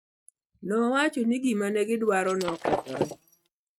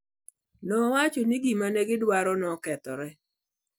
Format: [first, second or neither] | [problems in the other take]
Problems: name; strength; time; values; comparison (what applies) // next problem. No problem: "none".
second | noise reduction (neural mask model RNNoise)